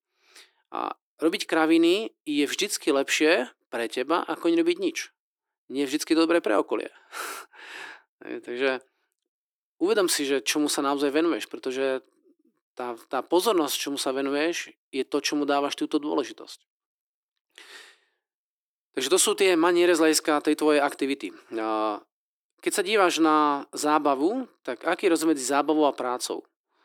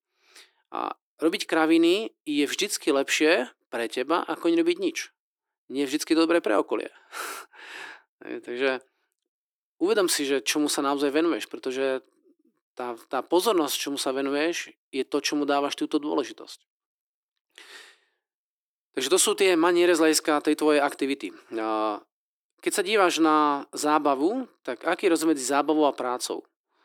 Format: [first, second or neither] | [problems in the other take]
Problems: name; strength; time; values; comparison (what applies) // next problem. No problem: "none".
neither | thin; very; fading below 300 Hz; the same in both